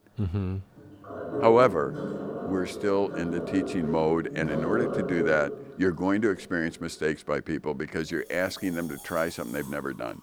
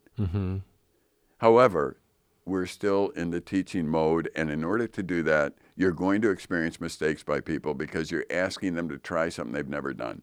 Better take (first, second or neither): second